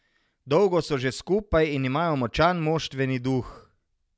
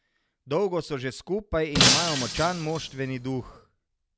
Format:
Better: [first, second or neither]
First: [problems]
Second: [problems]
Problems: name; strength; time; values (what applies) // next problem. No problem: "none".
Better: first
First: none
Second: background sound (Shatter); 4 dB above the speech